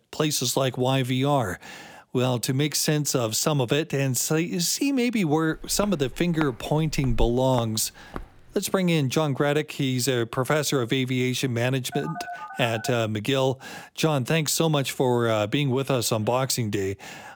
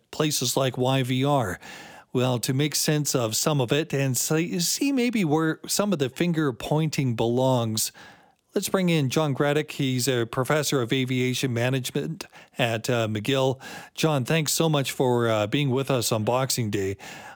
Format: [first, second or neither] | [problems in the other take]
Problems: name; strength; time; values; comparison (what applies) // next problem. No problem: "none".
second | footsteps; noticeable; from 6 to 8 s; peak 10 dB below the speech // phone ringing; faint; at 12 s; peak 10 dB below the speech